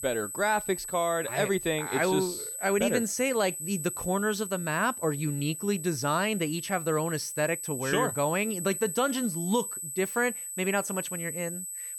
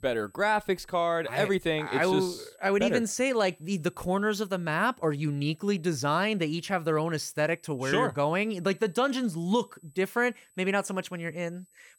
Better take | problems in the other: second | high-pitched whine; loud; throughout; 8 kHz, 6 dB below the speech; faint in the second

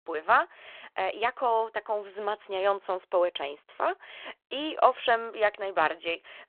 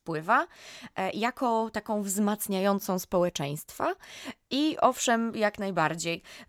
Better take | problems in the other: second | phone-call audio

